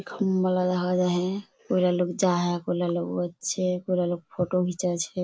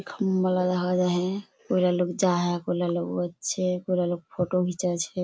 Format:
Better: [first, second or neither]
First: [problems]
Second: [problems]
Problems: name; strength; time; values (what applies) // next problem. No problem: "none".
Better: second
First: noise reduction (neural mask model Resemble Enhance denoiser)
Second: none